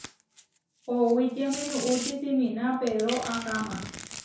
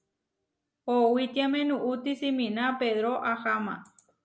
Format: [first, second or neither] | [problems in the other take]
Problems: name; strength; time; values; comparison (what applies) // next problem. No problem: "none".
second | background sound (Domestic sounds, home sounds); 12 dB below the speech // room echo; dies away in 0.6 s